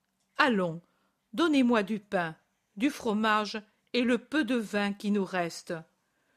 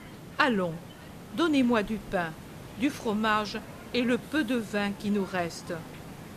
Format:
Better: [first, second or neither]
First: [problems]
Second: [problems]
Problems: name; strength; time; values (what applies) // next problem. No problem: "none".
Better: first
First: none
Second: hiss; noticeable; throughout; 15 dB below the speech